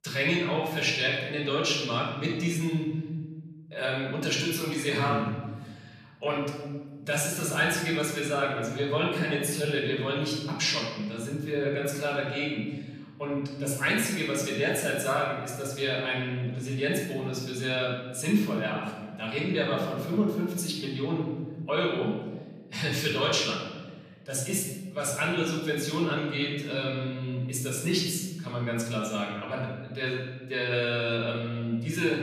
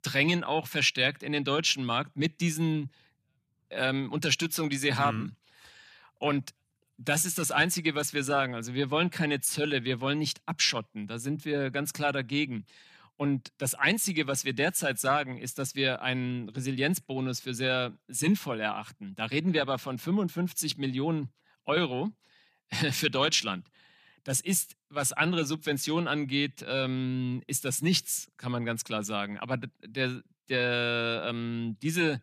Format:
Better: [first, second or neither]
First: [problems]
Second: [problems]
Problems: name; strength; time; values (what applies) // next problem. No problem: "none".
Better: second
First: off-mic speech; far // room echo; noticeable; dies away in 1.3 s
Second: none